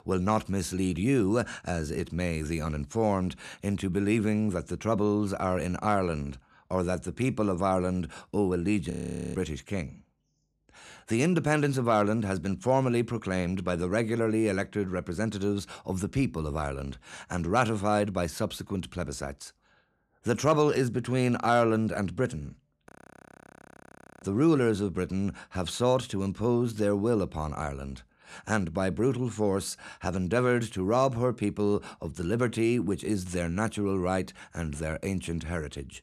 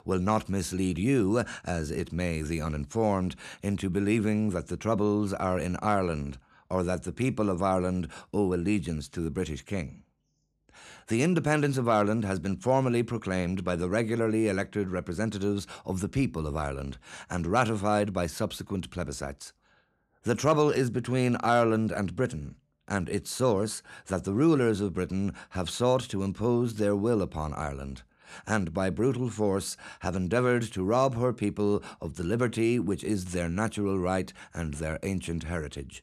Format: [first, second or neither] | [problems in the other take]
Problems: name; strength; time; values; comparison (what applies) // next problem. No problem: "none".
second | audio freezing; at 9 s and at 23 s for 1.5 s